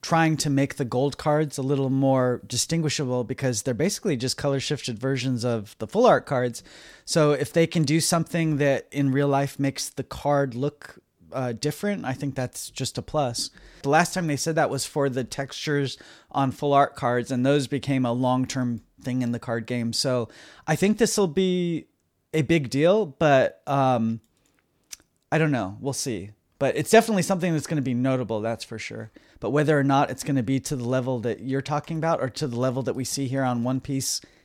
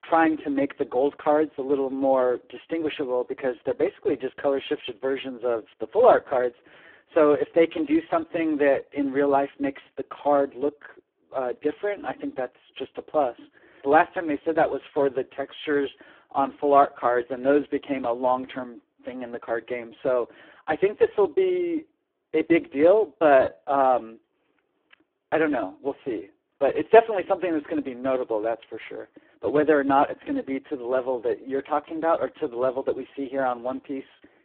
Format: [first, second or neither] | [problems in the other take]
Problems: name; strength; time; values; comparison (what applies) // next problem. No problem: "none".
first | phone-call audio; poor line